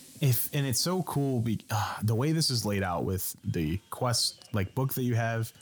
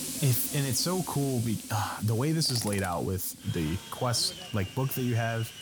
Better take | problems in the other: first | machinery noise; loud; throughout; 9 dB below the speech; faint in the first

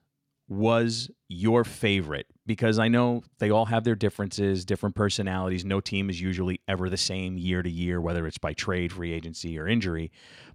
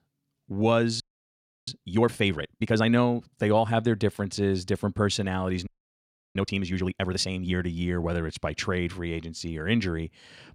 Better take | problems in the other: first | audio freezing; at 1 s for 0.5 s and at 5.5 s for 0.5 s

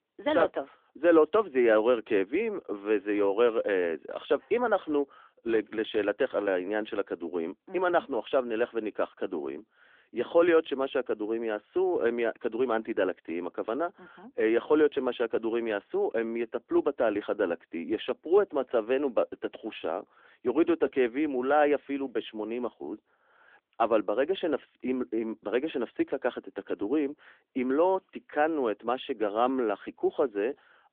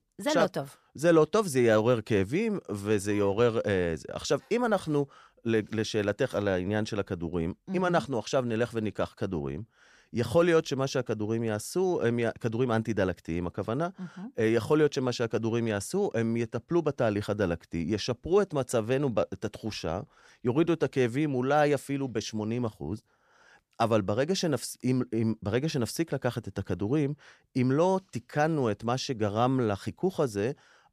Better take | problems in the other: second | phone-call audio; nothing above 3.5 kHz

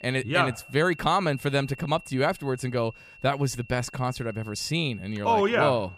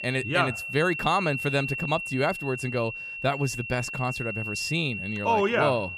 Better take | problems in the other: first | high-pitched whine; loud; throughout; 2.5 kHz, 5 dB below the speech; faint in the first

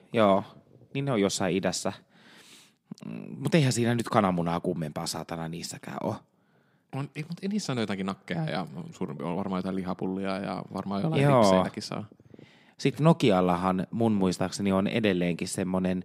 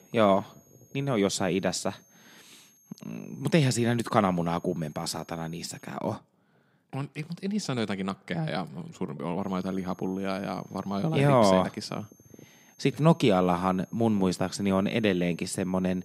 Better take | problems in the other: first | high-pitched whine; faint; until 6 s and from 9.5 s on; 6.5 kHz, 30 dB below the speech

